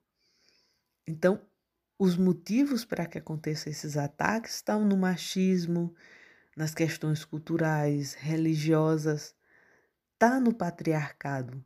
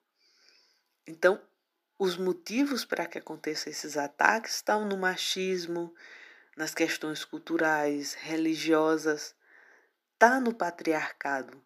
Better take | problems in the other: first | thin; somewhat; fading below 300 Hz

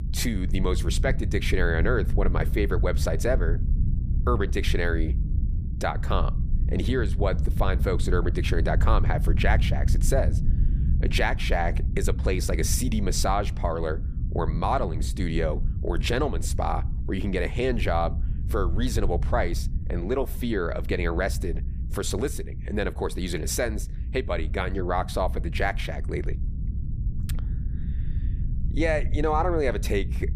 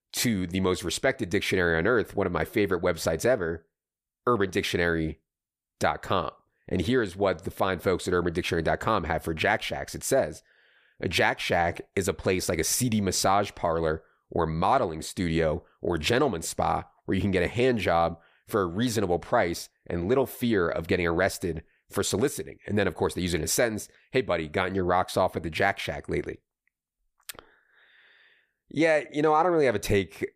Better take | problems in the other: second | low rumble; noticeable; throughout; 15 dB below the speech

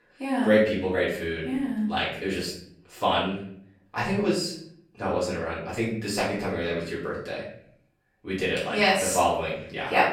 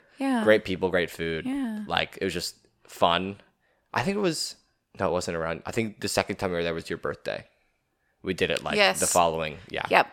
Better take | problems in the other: second | room echo; noticeable; dies away in 0.6 s // off-mic speech; far

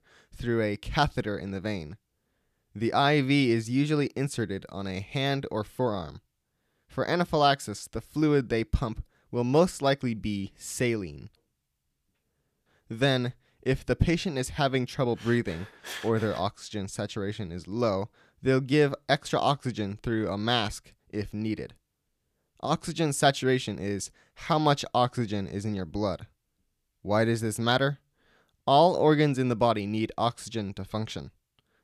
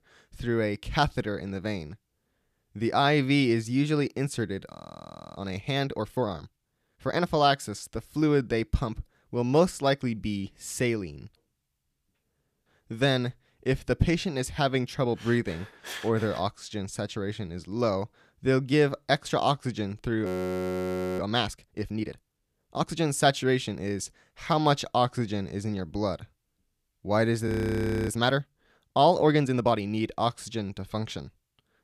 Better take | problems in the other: first | audio freezing; at 4.5 s for 0.5 s, at 20 s for 1 s and at 27 s for 0.5 s

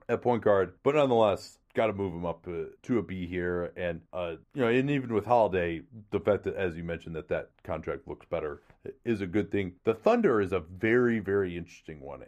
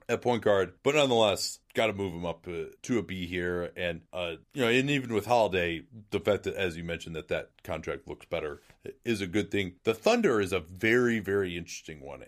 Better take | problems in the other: second | muffled; very; fading above 2.5 kHz

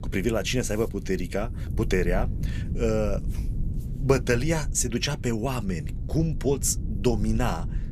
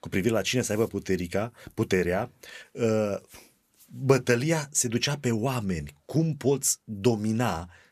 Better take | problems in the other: second | low rumble; noticeable; throughout; 15 dB below the speech

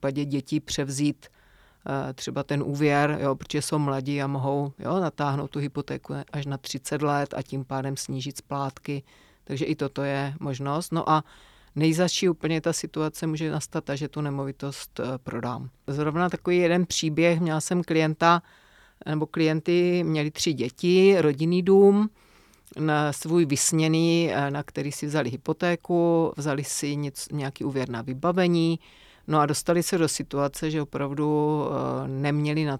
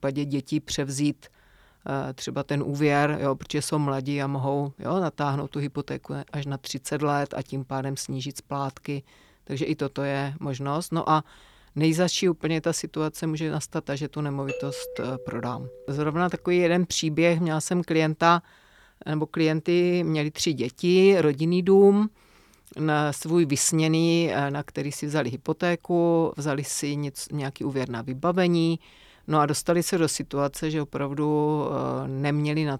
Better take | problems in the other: first | doorbell; noticeable; from 14 to 16 s; peak 9 dB below the speech

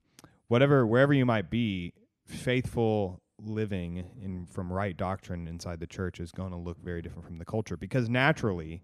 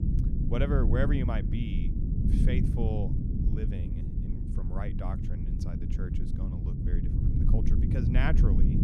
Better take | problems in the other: first | low rumble; loud; throughout; 3 dB below the speech

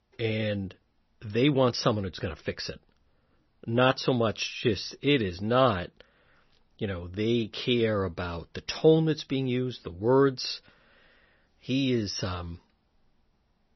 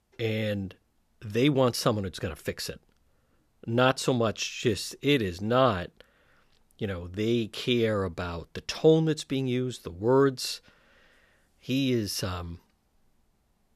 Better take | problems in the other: second | garbled, watery; slightly; nothing above 6 kHz

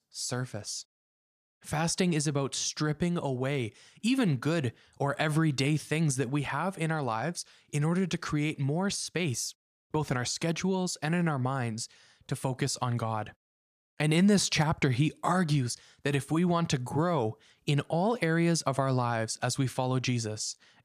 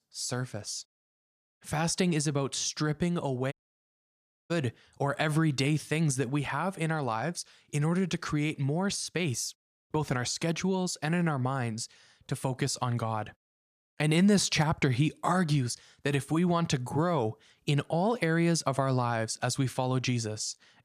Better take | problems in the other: first | audio cutting out; at 3.5 s for 1 s

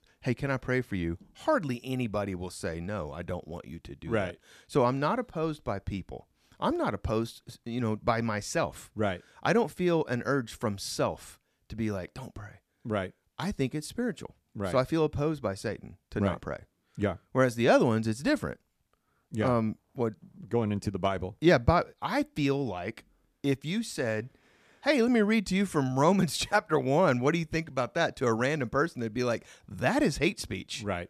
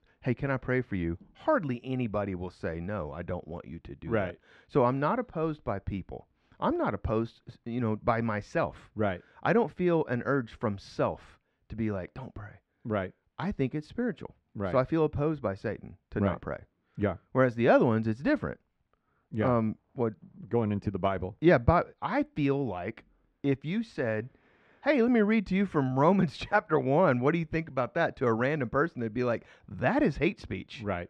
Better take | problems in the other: first | muffled; slightly; fading above 2.5 kHz

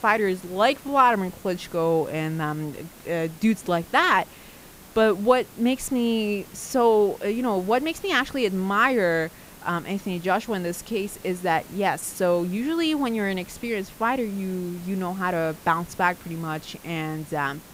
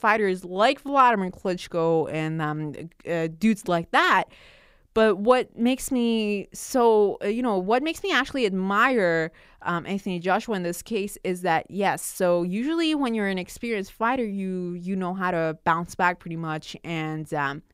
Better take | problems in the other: second | hiss; faint; throughout; 20 dB below the speech

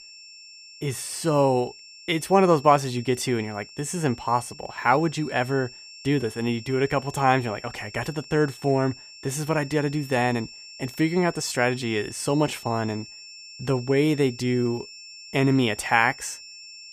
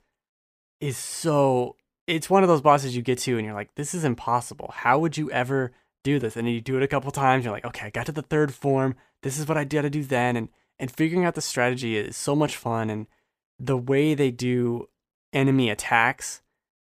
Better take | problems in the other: second | high-pitched whine; noticeable; throughout; 5.5 kHz, 15 dB below the speech

